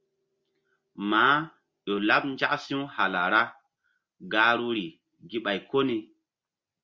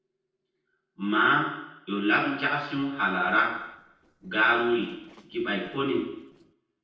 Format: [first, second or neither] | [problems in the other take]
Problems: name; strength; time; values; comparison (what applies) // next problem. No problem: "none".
first | noise reduction (neural separator model SepFormer DNS4)